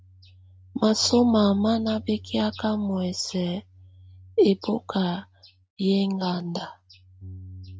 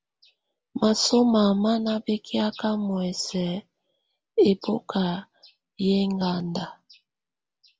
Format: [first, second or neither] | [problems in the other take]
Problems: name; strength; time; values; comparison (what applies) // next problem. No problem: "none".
second | noise reduction (neural mask model RNNoise)